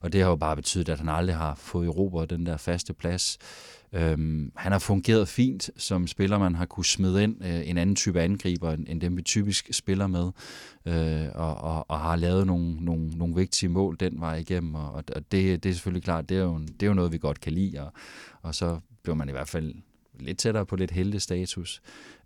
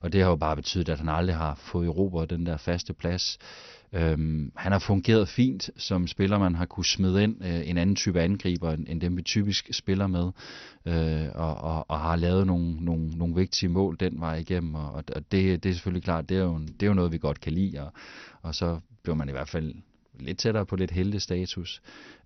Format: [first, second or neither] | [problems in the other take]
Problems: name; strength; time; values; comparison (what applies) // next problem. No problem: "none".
first | garbled, watery; slightly; nothing above 6 kHz